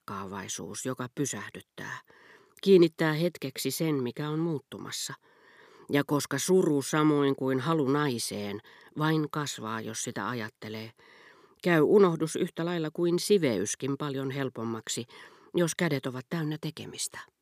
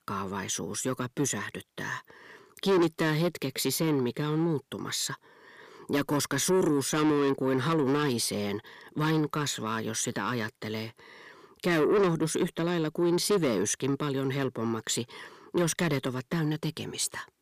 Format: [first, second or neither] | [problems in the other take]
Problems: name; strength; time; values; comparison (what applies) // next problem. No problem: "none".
first | distortion; heavy; 7 dB below the speech